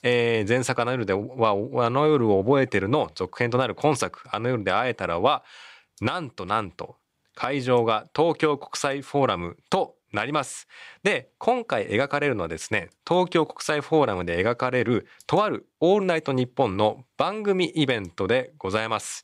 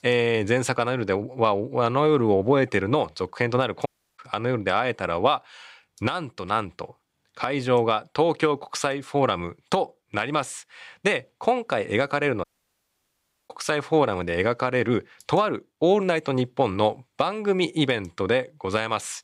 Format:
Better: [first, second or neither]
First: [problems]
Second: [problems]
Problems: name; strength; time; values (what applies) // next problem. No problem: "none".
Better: first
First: none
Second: audio cutting out; at 4 s and at 12 s for 1 s